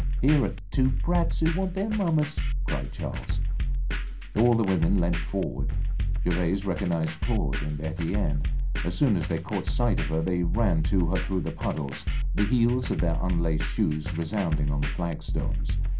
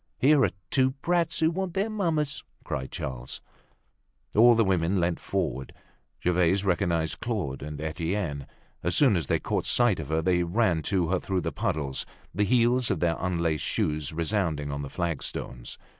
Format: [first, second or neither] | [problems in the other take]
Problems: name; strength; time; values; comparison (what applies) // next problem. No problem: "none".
second | background sound (Drum kit); 1 dB above the speech // room echo; dies away in 0.3 s